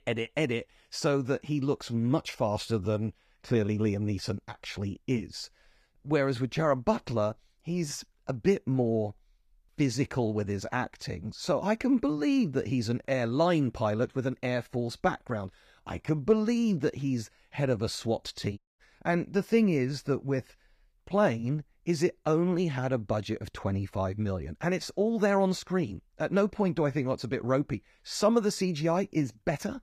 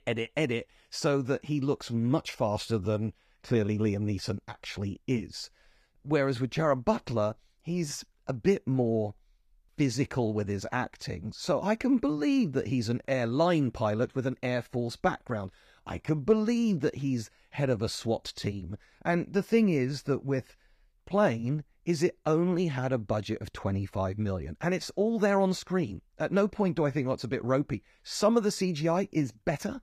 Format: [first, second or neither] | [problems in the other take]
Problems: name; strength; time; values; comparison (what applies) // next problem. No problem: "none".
second | audio cutting out; at 19 s